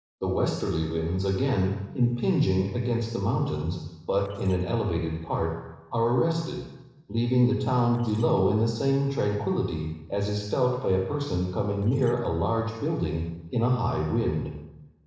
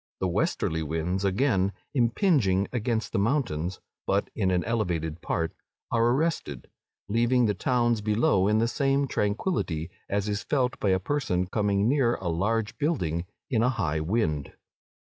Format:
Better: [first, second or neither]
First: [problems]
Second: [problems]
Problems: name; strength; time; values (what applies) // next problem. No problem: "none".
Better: second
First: noise reduction (neural separator model SepFormer DNS4)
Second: none